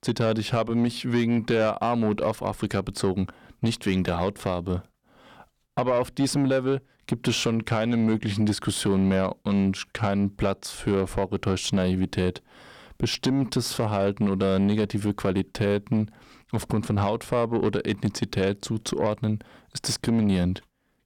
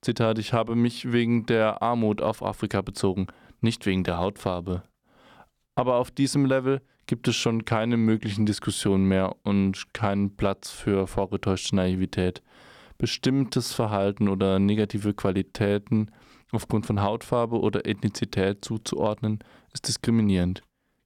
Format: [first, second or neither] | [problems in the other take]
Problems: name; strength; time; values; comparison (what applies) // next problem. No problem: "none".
second | distortion; slight; 10 dB below the speech